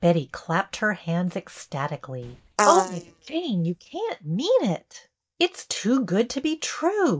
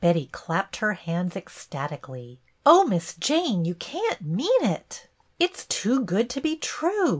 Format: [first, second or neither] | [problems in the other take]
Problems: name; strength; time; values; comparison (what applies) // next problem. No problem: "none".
second | noise reduction (neural mask model DeepFilterNet 3)